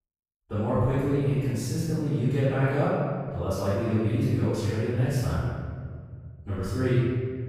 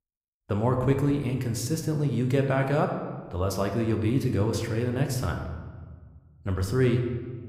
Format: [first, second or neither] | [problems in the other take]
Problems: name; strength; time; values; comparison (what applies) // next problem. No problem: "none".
second | room echo; strong; dies away in 1.9 s; slight in the second // off-mic speech; far